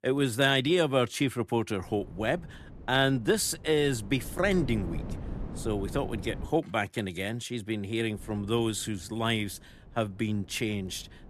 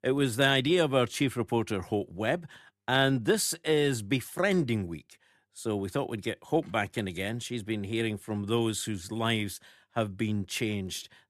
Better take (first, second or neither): second